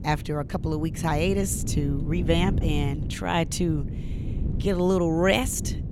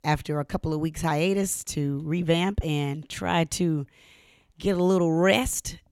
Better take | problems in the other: second | wind noise on the microphone; occasional gusts; 15 dB below the speech

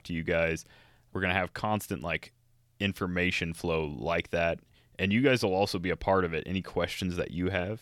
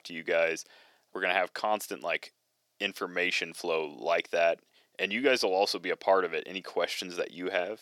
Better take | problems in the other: first | thin; somewhat; fading below 350 Hz

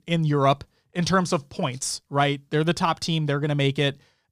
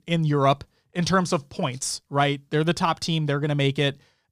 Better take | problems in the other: neither | none

